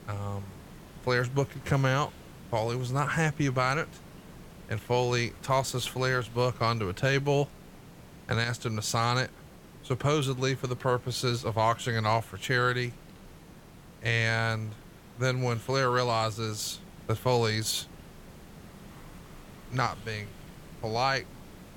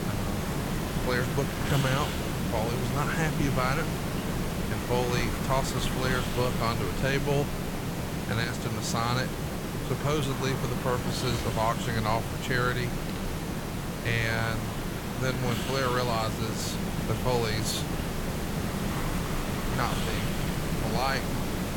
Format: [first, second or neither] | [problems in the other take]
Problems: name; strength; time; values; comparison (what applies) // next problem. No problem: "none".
first | hiss; loud; throughout; 1 dB below the speech; faint in the first